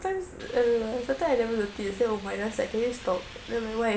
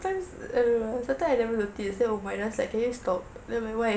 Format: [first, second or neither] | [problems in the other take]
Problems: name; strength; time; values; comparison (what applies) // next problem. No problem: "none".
second | background sound (Hiss); 19 dB below the speech